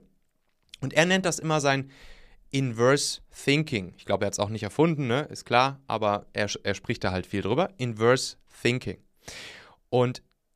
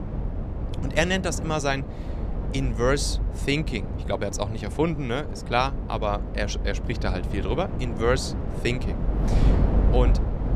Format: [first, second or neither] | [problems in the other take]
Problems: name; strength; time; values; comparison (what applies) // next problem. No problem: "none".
first | wind noise on the microphone; heavy; 10 dB below the speech